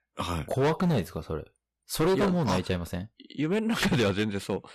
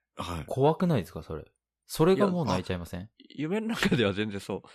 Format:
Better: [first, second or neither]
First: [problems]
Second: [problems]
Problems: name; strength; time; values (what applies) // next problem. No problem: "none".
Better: second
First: distortion; heavy; 9% of the sound clipped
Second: none